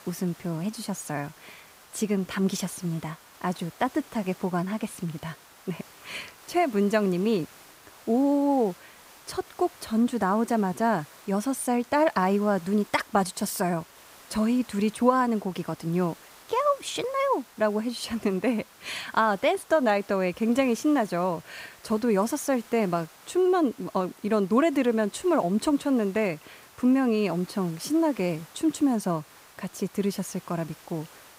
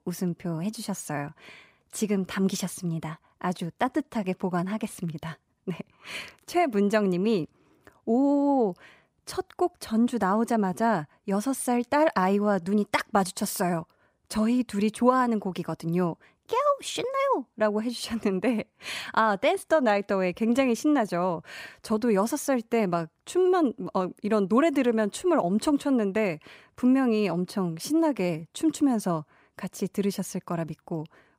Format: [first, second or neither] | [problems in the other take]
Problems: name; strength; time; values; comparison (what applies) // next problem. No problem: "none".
second | hiss; faint; throughout; 25 dB below the speech